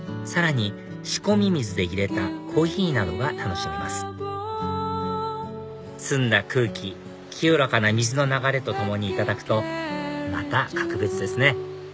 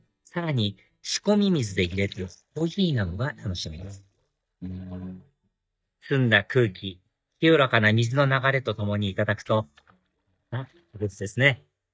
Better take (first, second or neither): first